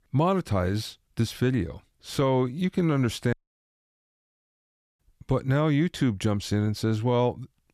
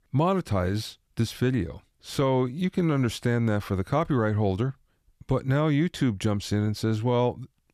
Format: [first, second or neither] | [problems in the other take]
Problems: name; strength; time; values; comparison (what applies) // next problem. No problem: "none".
second | audio cutting out; at 3.5 s for 1.5 s